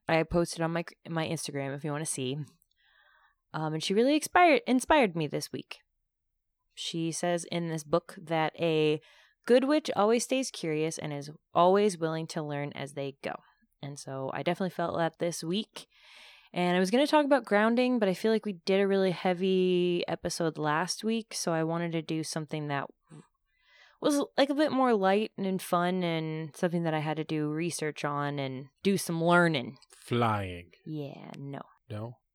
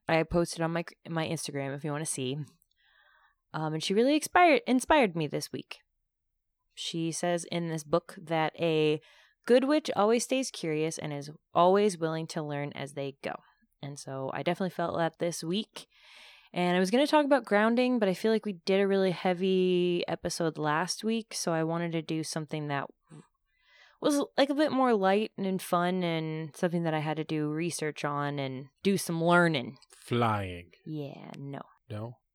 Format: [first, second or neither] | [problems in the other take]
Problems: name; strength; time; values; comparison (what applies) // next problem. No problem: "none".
neither | none